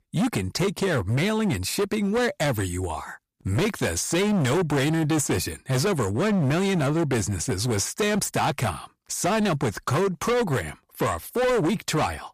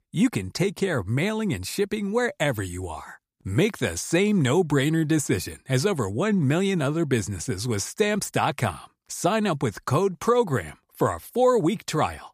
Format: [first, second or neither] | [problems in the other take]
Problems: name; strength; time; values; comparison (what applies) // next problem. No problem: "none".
second | distortion; heavy; 22% of the sound clipped